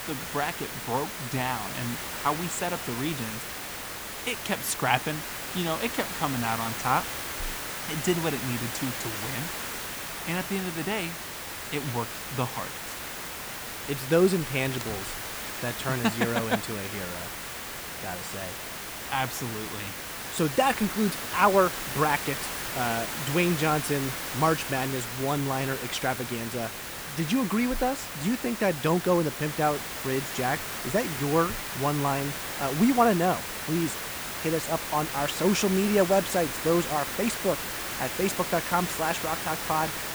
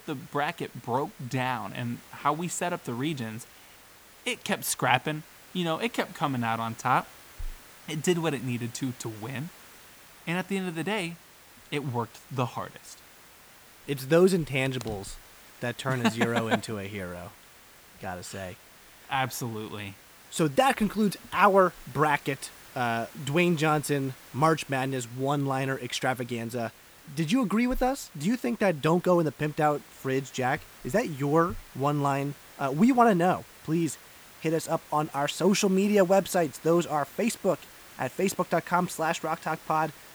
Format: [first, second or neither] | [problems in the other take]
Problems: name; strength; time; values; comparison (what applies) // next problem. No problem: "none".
second | hiss; loud; throughout; 5 dB below the speech; faint in the second